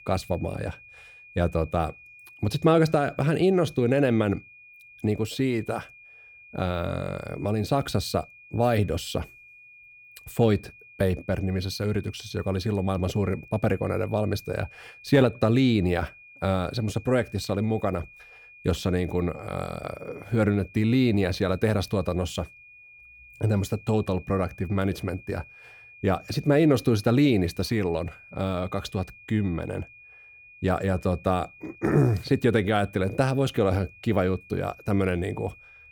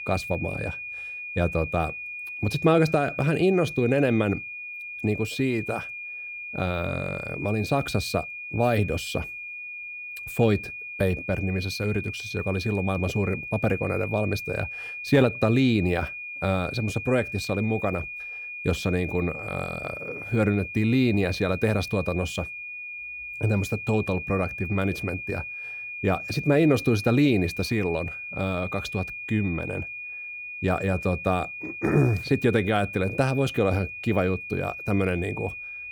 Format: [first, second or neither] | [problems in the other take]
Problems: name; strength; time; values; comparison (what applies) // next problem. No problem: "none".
first | high-pitched whine; loud; throughout; 2.5 kHz, 8 dB below the speech; faint in the first